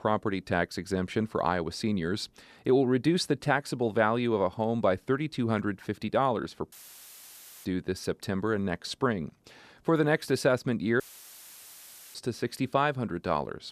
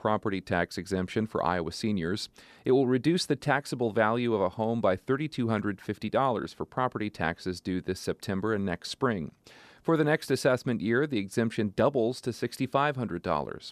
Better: second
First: audio cutting out; filled with static; at 6.5 s for 1 s and at 11 s for 1 s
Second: none

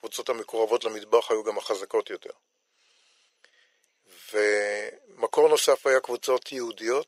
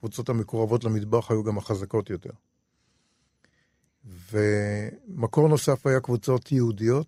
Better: second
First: thin; very; fading below 500 Hz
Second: none

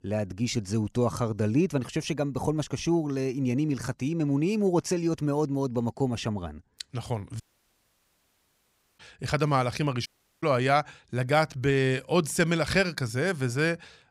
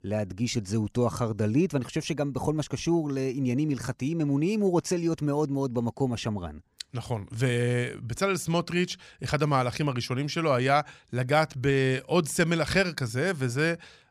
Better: second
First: audio cutting out; at 7.5 s for 1.5 s and at 10 s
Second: none

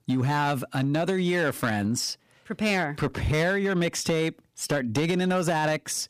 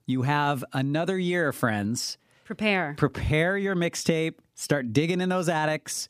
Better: second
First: distortion; slight; 8% of the sound clipped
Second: none

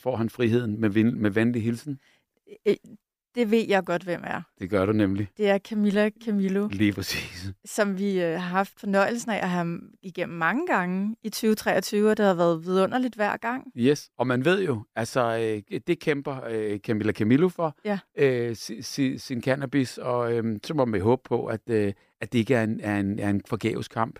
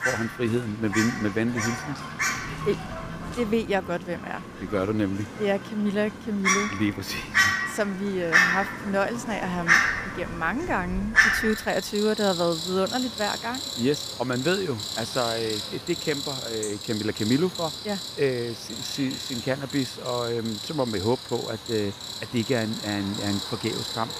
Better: first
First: none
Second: animal sounds; very loud; throughout; as loud as the speech

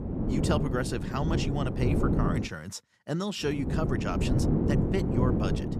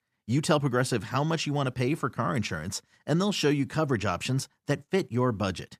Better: second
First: wind noise on the microphone; heavy; until 2.5 s and from 3.5 s on; 1 dB below the speech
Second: none

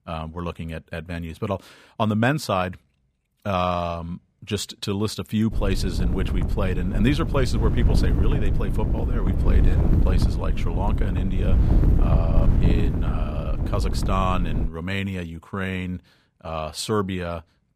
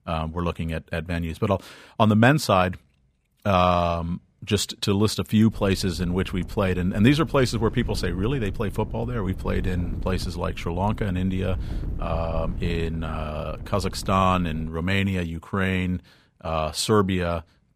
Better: second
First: wind noise on the microphone; heavy; from 5.5 to 15 s; 6 dB below the speech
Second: wind noise on the microphone; occasional gusts; from 5.5 to 15 s; 20 dB below the speech

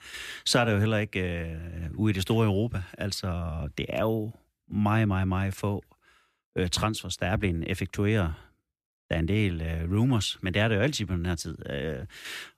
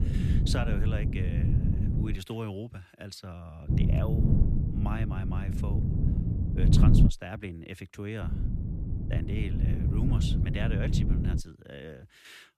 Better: first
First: none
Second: wind noise on the microphone; heavy; until 2 s, from 3.5 to 7 s and from 8 to 11 s; 1 dB above the speech

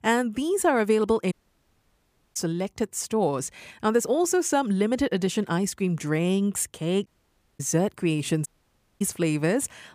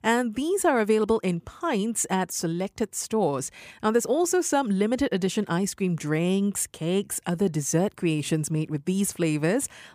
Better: second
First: audio cutting out; at 1.5 s for 1 s, at 7 s for 0.5 s and at 8.5 s for 0.5 s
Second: none

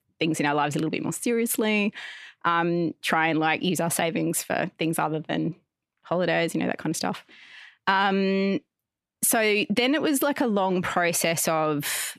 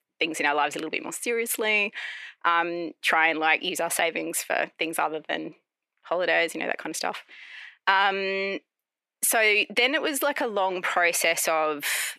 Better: first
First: none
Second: thin; somewhat; fading below 500 Hz

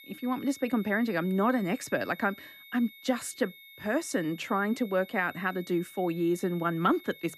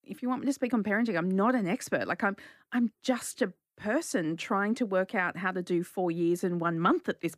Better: second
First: high-pitched whine; noticeable; throughout; 2 kHz, 20 dB below the speech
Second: none

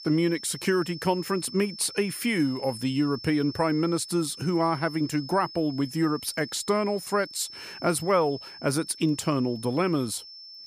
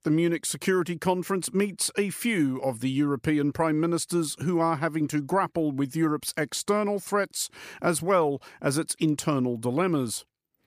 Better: second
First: high-pitched whine; noticeable; throughout; 5.5 kHz, 15 dB below the speech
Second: none

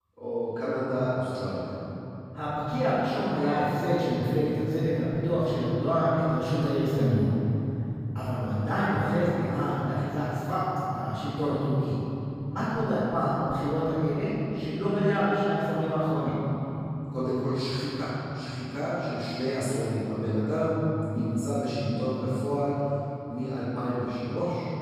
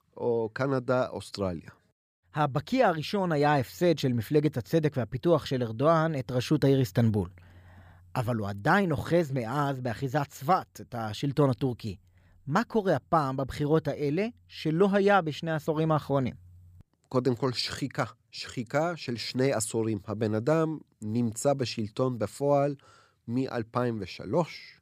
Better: second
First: off-mic speech; far // room echo; strong; dies away in 3 s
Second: none

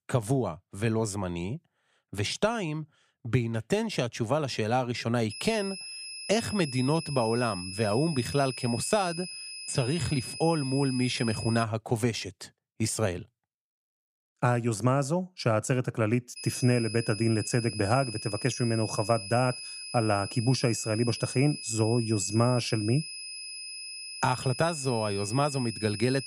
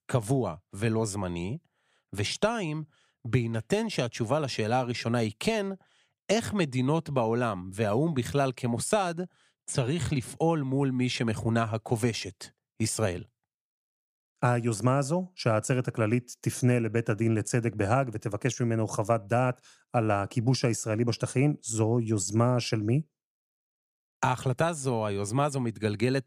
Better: second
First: high-pitched whine; loud; from 5.5 to 12 s and from 16 s on; 5 kHz, 9 dB below the speech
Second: none

